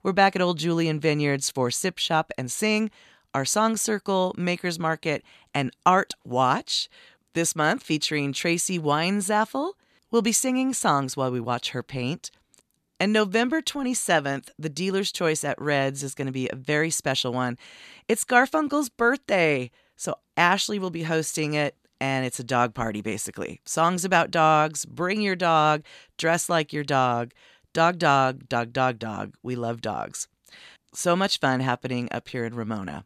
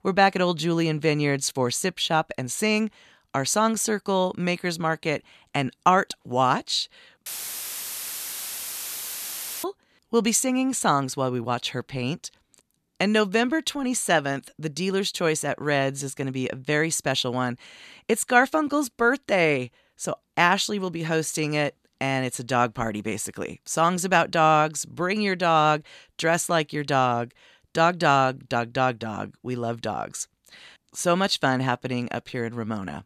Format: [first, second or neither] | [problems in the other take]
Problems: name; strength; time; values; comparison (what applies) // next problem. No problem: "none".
first | audio cutting out; filled with static; at 7.5 s for 2.5 s